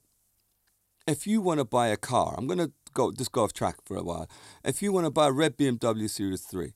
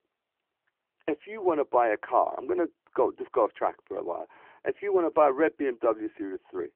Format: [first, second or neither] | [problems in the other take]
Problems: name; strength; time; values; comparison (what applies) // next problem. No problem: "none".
first | phone-call audio